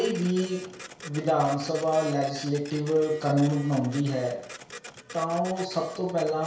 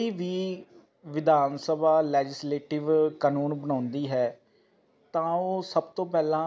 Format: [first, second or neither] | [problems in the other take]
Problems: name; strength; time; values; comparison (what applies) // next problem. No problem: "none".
second | background sound (Printer); 16 dB below the speech // room echo; dies away in 0.5 s